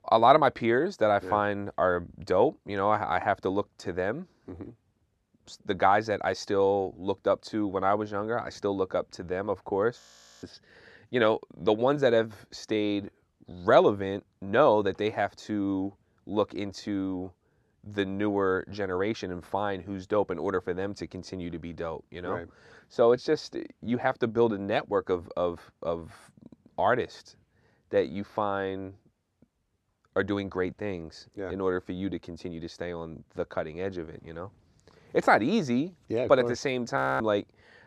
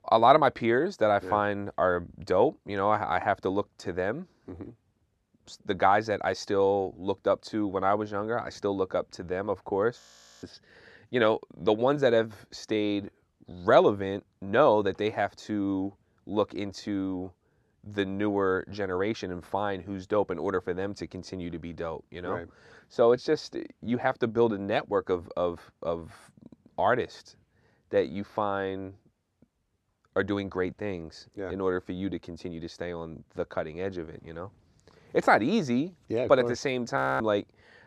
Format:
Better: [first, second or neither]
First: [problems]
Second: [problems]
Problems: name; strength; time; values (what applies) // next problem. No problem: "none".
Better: neither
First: audio freezing; at 10 s and at 37 s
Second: audio freezing; at 10 s and at 37 s